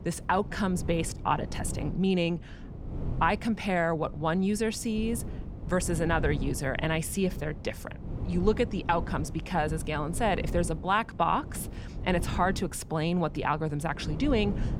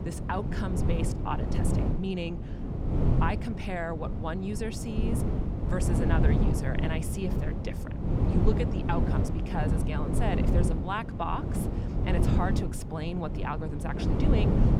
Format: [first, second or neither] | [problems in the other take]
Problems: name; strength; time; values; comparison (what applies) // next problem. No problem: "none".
first | wind noise on the microphone; heavy; 2 dB below the speech; occasional gusts in the first